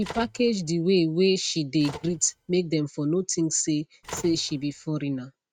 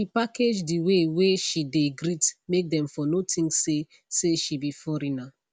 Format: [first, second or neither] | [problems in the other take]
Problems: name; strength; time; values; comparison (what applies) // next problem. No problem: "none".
second | noise reduction (neural mask model RNNoise)